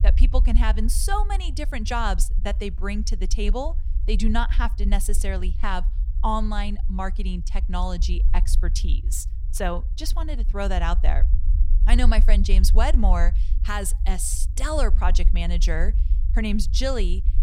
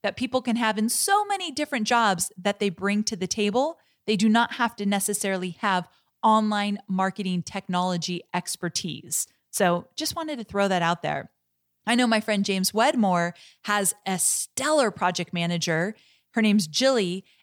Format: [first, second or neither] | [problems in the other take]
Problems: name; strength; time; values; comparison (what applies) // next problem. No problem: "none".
second | low rumble; noticeable; throughout; 15 dB below the speech